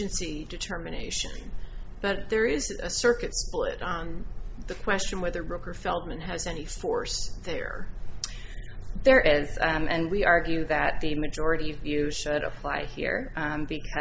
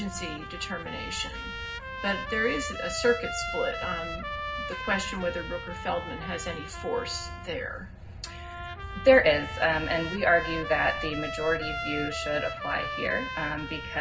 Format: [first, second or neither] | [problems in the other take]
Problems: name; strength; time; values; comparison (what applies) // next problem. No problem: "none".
first | background sound (Trumpet); 7 dB below the speech // room echo; dies away in 0.4 s